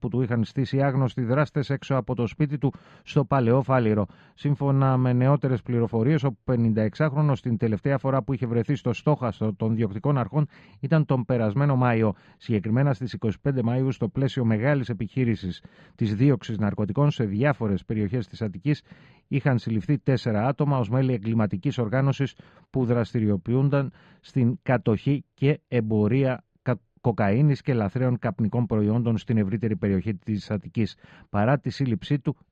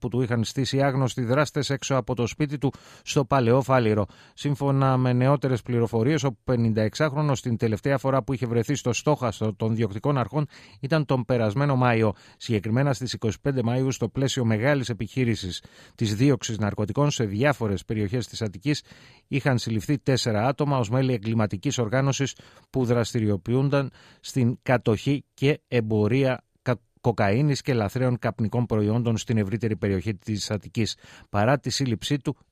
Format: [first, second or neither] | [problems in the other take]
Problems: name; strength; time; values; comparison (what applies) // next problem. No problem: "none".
second | muffled; slightly; fading above 2.5 kHz